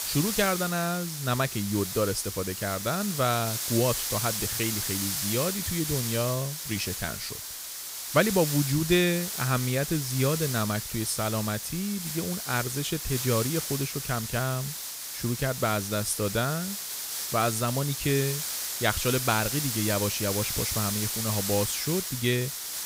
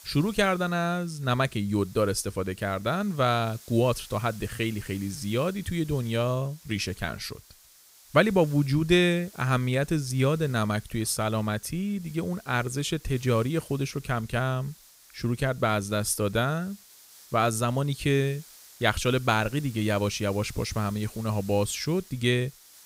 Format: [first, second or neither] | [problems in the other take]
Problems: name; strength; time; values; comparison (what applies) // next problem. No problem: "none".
second | hiss; loud; throughout; 2 dB below the speech; faint in the second